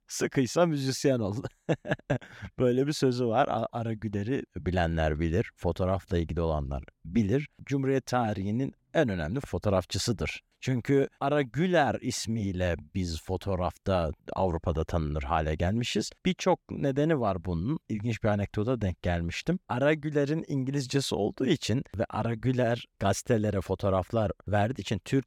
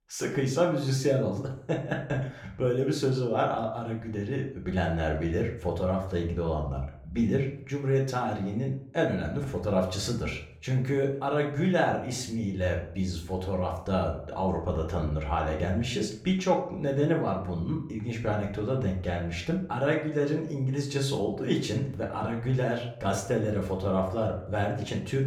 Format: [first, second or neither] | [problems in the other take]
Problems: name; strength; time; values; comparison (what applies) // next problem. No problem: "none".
first | room echo; slight; dies away in 0.5 s // off-mic speech; somewhat distant